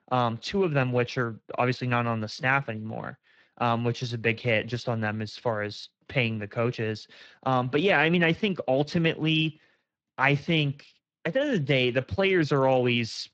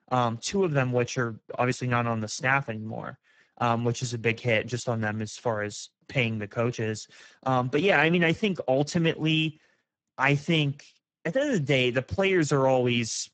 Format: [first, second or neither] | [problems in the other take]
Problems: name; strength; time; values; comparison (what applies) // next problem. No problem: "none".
first | garbled, watery; badly; nothing above 8 kHz; slightly in the first